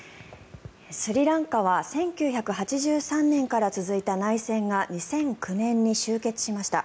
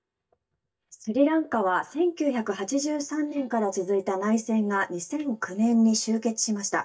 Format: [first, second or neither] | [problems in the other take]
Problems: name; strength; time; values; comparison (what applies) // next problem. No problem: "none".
first | noise reduction (neural mask model DeepFilterNet 3)